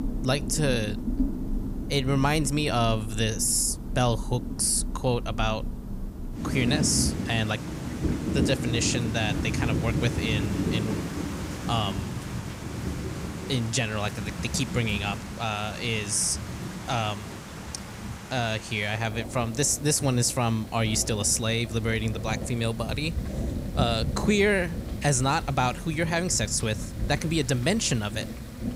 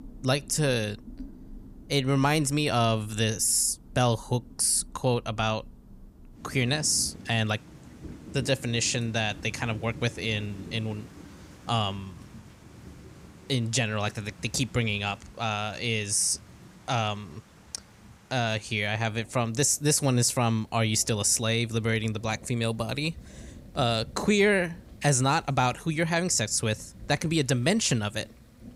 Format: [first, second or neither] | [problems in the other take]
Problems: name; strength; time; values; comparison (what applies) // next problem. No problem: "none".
second | rain or running water; loud; throughout; 6 dB below the speech; faint in the second